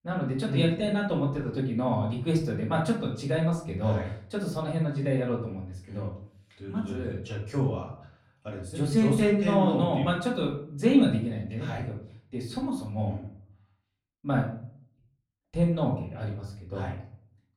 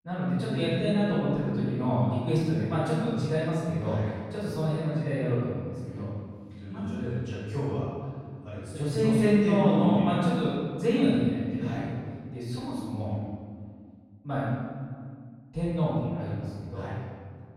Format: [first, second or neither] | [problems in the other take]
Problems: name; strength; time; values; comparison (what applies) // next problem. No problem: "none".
first | room echo; strong; dies away in 1.8 s; slight in the first // off-mic speech; far; far in the first